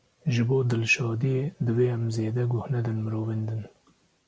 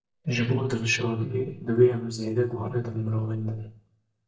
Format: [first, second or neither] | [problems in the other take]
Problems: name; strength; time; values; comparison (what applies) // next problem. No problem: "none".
first | noise reduction (neural mask model DeepFilterNet 3)